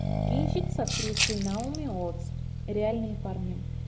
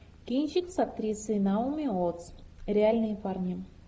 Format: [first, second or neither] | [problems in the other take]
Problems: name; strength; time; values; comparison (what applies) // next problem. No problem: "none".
second | background sound (Rattle (instrument) + Accelerating, revving, vroom); 3 dB above the speech